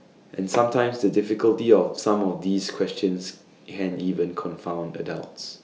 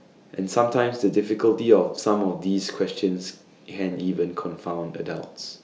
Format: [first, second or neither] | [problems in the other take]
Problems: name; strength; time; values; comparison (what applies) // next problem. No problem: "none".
second | background sound (Hammer); 13 dB below the speech